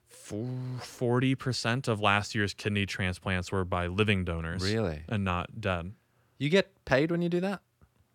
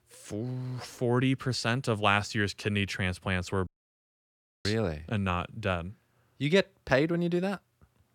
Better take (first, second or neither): first